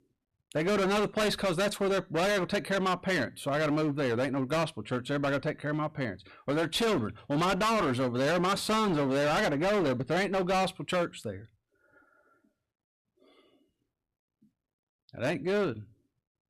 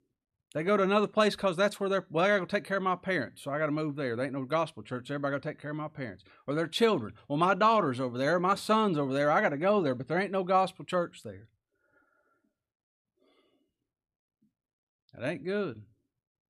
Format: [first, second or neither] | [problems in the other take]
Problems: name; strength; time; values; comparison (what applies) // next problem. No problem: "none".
second | distortion; heavy; 20% of the sound clipped